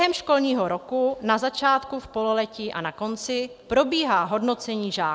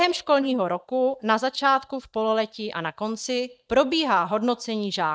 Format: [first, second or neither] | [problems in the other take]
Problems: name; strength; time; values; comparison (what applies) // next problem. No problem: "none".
first | noise reduction (neural mask model DeepFilterNet 3)